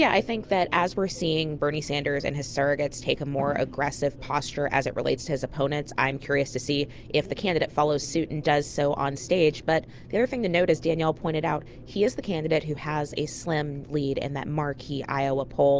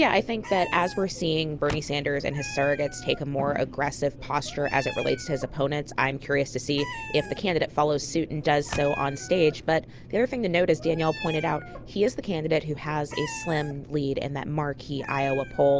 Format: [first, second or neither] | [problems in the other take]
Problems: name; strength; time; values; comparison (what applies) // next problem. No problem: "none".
first | background sound (Car + Meow); 16 dB below the speech